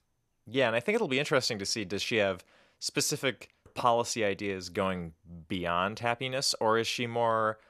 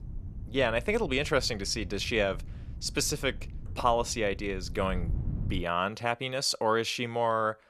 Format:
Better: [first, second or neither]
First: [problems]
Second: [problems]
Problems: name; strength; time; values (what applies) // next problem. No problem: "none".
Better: first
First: none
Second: wind noise on the microphone; occasional gusts; until 5.5 s; 25 dB below the speech